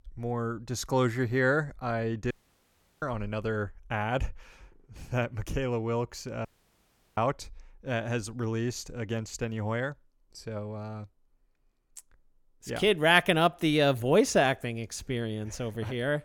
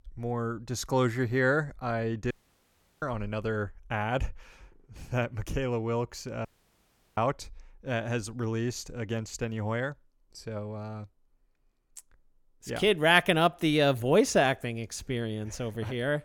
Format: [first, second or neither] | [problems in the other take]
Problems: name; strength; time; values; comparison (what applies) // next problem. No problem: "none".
neither | audio cutting out; at 2.5 s for 0.5 s and at 6.5 s for 0.5 s; the same in both